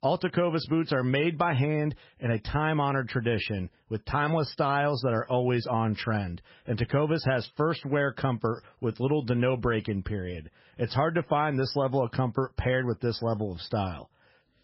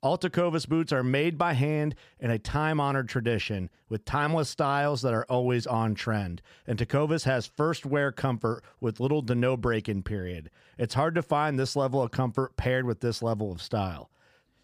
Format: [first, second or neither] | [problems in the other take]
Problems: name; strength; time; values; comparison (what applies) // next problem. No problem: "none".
second | garbled, watery; badly; nothing above 5.5 kHz